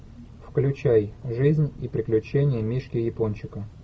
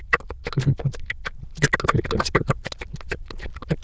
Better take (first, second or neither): first